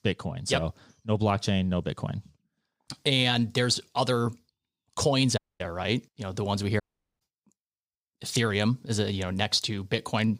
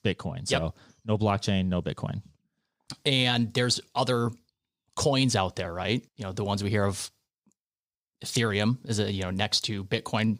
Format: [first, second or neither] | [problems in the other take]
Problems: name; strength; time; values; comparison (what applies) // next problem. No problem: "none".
second | audio cutting out; at 5.5 s and at 7 s